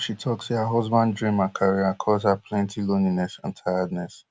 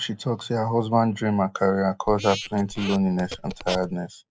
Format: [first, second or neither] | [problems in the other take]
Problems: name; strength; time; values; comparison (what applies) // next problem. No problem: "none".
first | noise reduction (neural mask model Resemble Enhance denoiser)